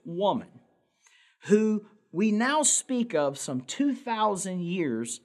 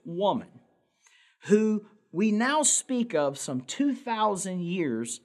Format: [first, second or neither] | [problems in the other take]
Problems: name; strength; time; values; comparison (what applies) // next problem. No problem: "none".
neither | none